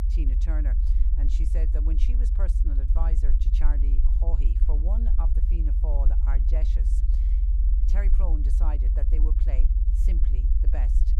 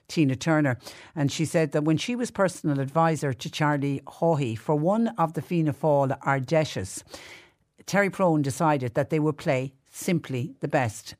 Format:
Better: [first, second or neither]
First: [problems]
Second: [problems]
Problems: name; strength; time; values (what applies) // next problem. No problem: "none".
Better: second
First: low rumble; loud; throughout; 3 dB below the speech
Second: none